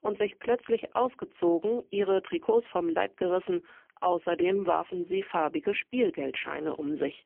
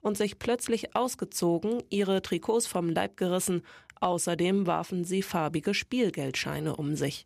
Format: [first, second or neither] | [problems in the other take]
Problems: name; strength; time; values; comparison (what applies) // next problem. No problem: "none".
second | phone-call audio; poor line; nothing above 3 kHz